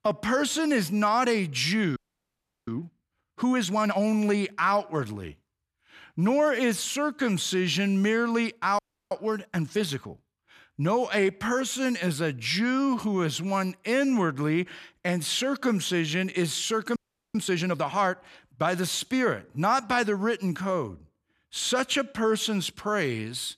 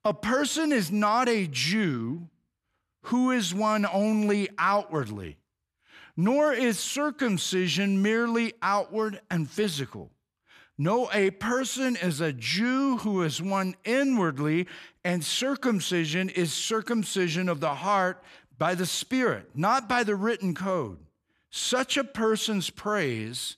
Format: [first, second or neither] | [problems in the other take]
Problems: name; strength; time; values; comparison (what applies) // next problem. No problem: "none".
second | audio freezing; at 2 s for 0.5 s, at 9 s and at 17 s